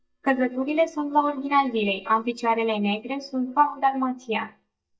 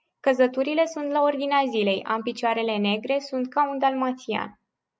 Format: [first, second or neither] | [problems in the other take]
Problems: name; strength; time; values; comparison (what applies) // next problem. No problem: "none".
second | noise reduction (neural mask model DeepFilterNet 3)